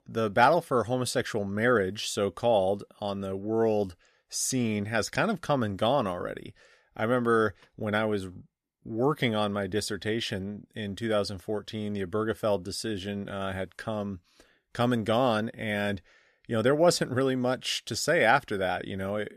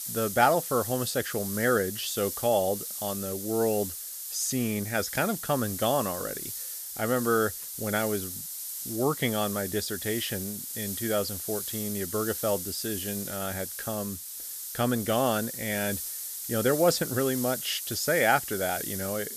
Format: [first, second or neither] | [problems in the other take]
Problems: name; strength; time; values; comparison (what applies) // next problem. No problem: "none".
first | hiss; loud; throughout; 5 dB below the speech